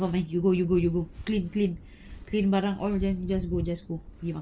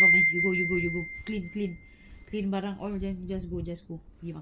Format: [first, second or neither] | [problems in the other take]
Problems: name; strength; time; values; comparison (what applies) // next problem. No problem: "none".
first | background sound (Wind chime); 3 dB above the speech